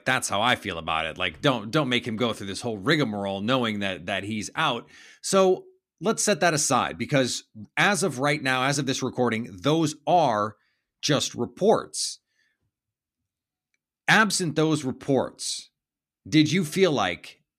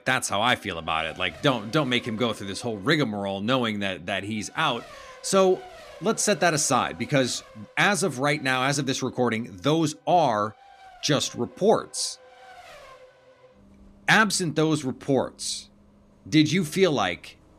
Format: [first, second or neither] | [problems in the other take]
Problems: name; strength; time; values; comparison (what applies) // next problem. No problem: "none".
first | traffic noise; faint; throughout; 25 dB below the speech